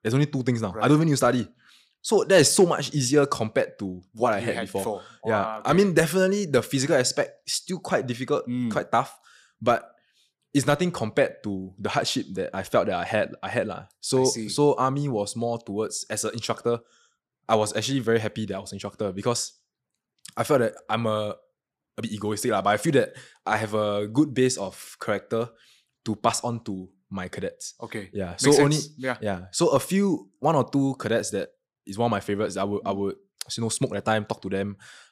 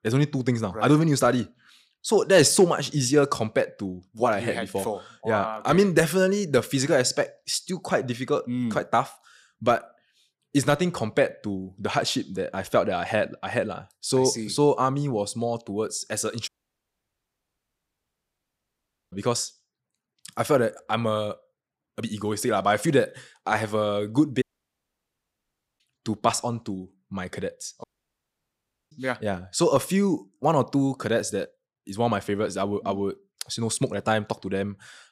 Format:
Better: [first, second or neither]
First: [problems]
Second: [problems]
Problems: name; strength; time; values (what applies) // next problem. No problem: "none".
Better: first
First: none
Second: audio cutting out; at 16 s for 2.5 s, at 24 s for 1.5 s and at 28 s for 1 s